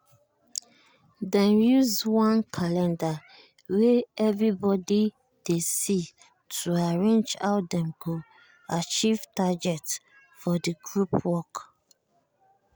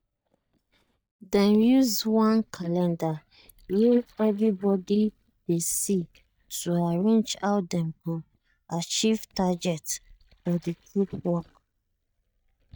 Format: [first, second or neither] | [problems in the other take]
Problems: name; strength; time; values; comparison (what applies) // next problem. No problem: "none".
first | noise reduction (neural mask model DeepFilterNet 3)